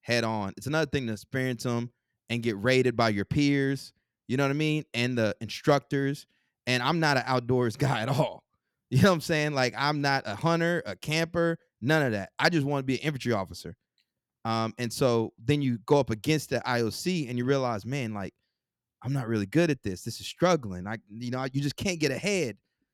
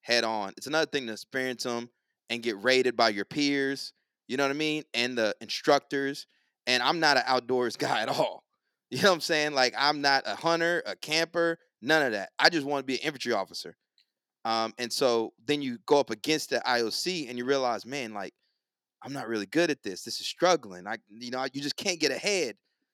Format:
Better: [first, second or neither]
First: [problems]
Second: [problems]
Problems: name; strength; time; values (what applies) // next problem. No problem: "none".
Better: first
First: none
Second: thin; somewhat; fading below 350 Hz